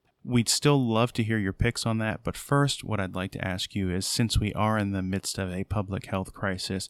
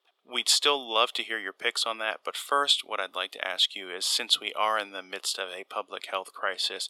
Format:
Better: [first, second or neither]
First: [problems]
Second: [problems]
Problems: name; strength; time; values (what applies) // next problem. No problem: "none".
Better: first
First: none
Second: thin; very; fading below 450 Hz